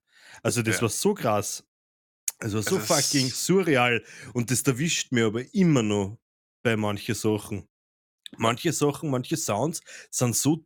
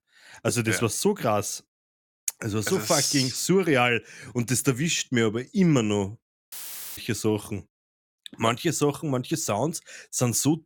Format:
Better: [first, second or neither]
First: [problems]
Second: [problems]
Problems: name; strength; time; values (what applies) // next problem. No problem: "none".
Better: first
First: none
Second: audio cutting out; filled with static; at 6.5 s